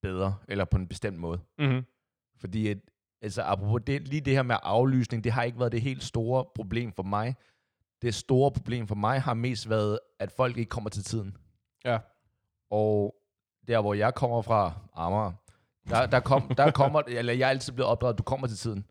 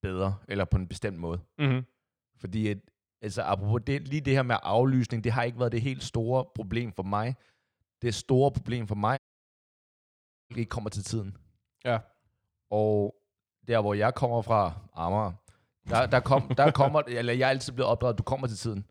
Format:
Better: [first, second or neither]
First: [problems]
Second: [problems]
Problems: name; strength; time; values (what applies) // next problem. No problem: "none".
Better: first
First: none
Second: audio cutting out; at 9 s for 1.5 s